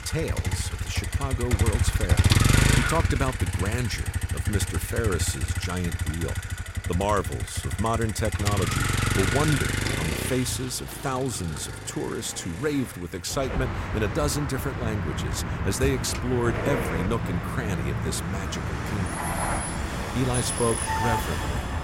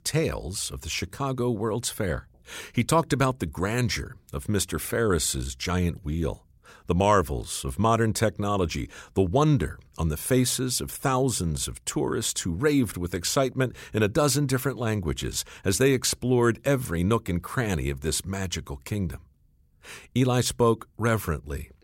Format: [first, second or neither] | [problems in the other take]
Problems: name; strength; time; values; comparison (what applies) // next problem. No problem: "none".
second | traffic noise; very loud; throughout; 2 dB above the speech